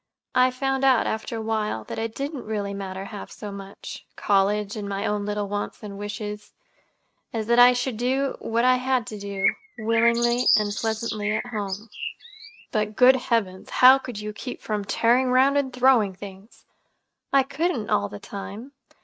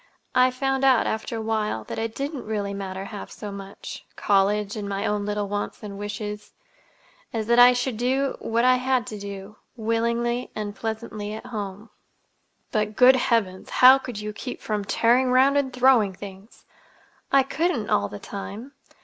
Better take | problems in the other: second | noise reduction (neural mask model RNNoise)

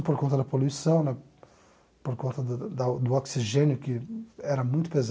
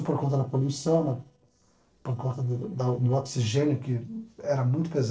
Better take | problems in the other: first | noise reduction (neural separator model SepFormer DNS4)

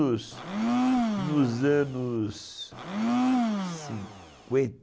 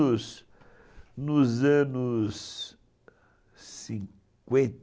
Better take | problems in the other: second | background sound (Domestic sounds, home sounds); 1 dB above the speech

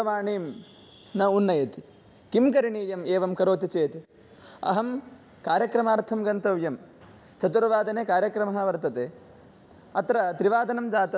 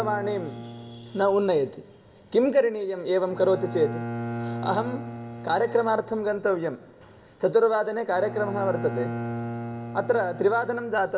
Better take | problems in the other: first | background sound (Bowed string instrument); 10 dB below the speech // room echo; dies away in 0.5 s

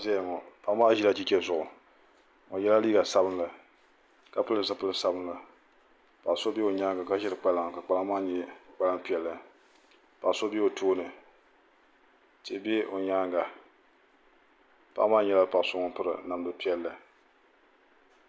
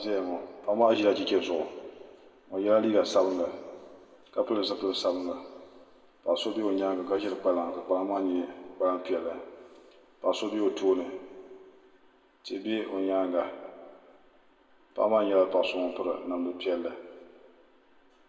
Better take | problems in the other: first | room echo; dies away in 1.6 s

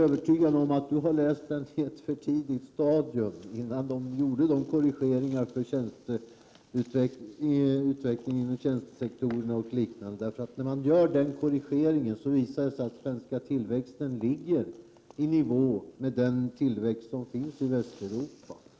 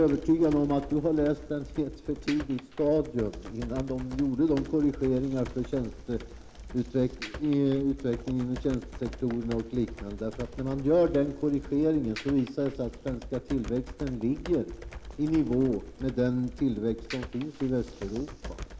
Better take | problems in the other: first | background sound (Computer keyboard); 13 dB below the speech

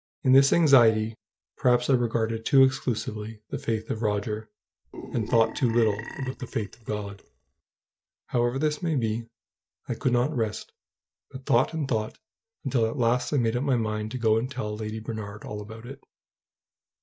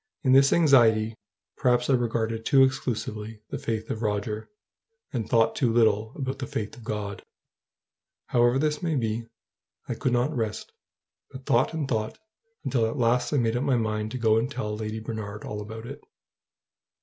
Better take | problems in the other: second | noise reduction (neural mask model DeepFilterNet 3)

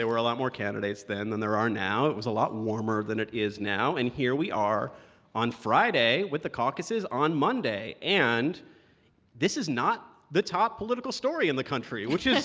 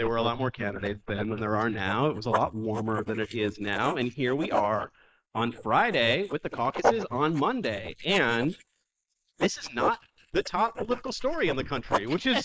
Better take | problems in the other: first | noise reduction (neural mask model Resemble Enhance denoiser)

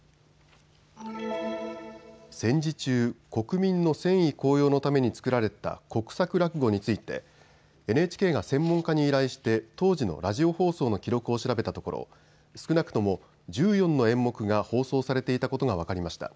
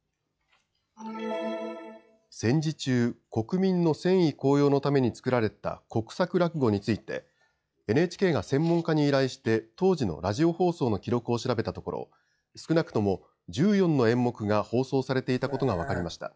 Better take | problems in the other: first | noise reduction (classical method log-MMSE)

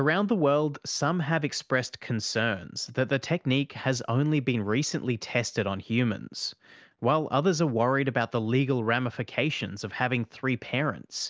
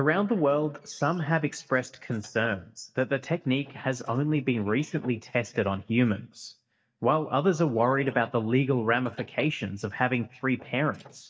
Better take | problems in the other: first | noise reduction (neural mask model DeepFilterNet 3)

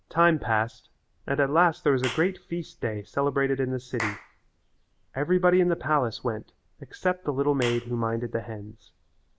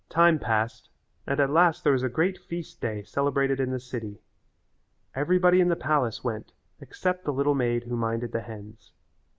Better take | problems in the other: second | background sound (Clapping / Chirp, tweet); 17 dB below the speech

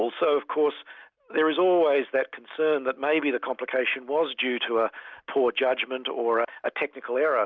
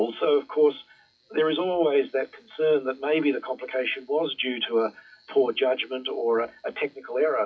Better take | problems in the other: first | noise reduction (classical method WPE with log-MMSE)

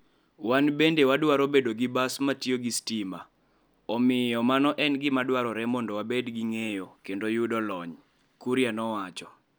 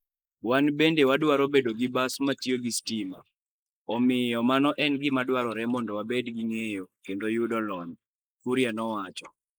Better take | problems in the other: first | noise reduction (neural mask model Resemble Enhance denoiser)

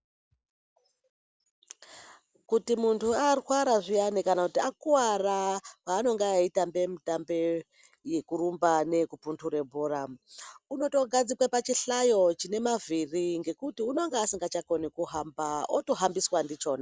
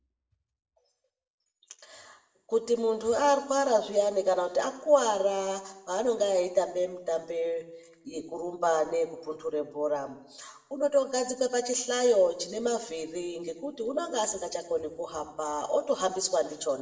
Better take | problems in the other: first | room echo; dies away in 0.7 s

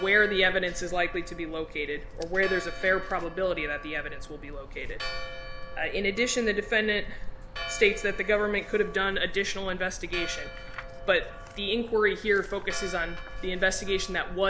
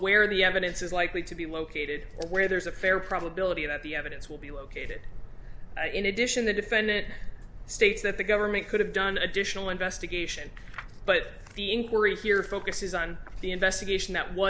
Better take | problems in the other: second | background sound (Church bell); 15 dB below the speech

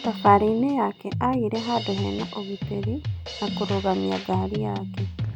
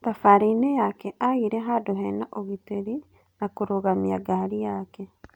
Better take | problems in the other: second | background sound (Drum kit); 6 dB below the speech

